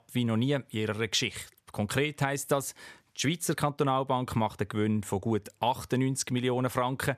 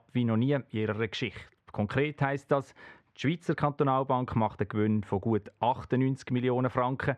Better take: first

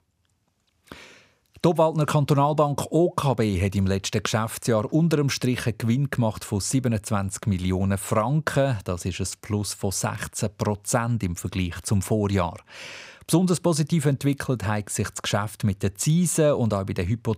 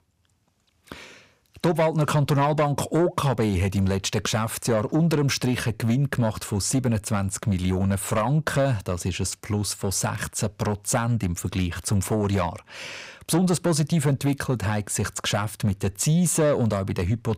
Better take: first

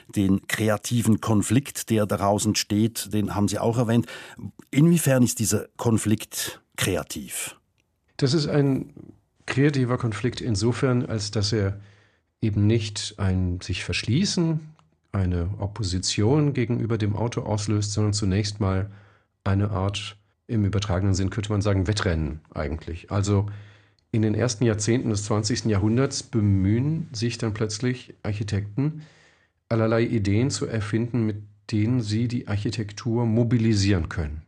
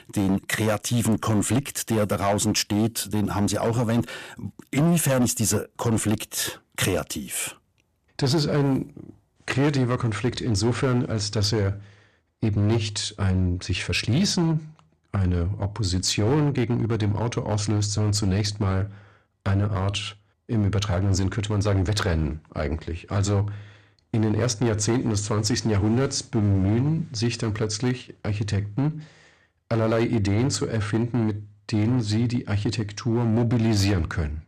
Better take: first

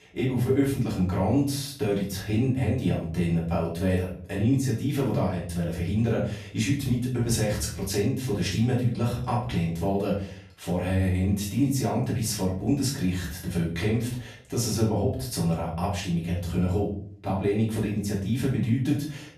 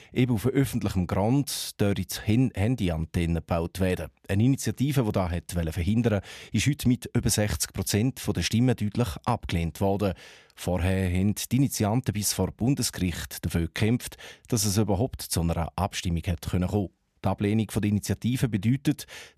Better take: second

